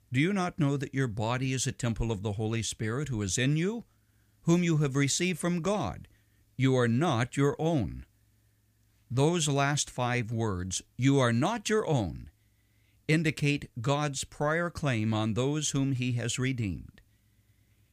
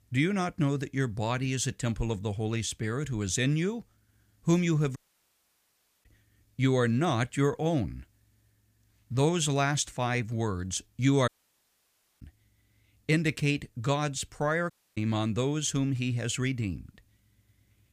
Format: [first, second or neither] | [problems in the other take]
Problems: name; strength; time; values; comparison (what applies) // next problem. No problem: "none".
first | audio cutting out; at 5 s for 1 s, at 11 s for 1 s and at 15 s